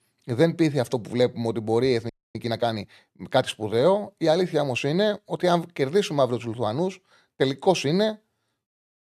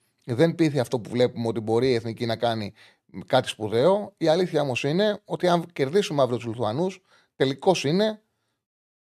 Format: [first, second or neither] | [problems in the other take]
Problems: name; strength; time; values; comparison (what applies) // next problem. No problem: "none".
second | audio freezing; at 2 s